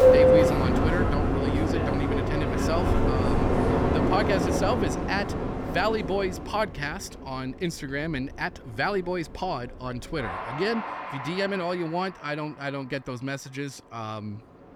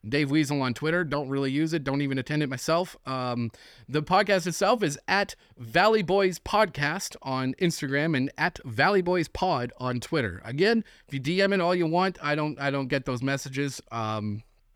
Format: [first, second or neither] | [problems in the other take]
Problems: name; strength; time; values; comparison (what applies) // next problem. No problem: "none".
second | train or aircraft noise; very loud; throughout; 5 dB above the speech